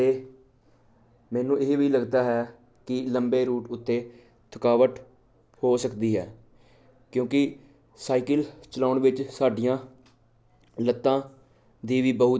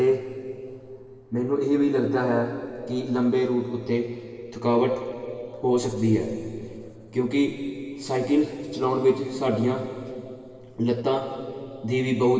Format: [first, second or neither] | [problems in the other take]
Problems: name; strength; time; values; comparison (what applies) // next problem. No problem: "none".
first | room echo; dies away in 2.6 s